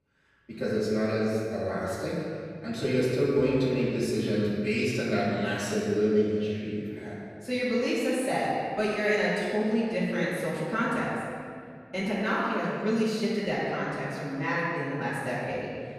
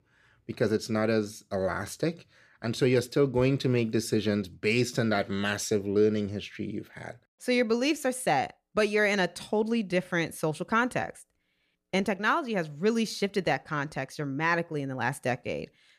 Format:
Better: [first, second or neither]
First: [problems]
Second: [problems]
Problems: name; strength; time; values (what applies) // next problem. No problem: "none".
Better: second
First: off-mic speech; far // room echo; strong; dies away in 2.1 s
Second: none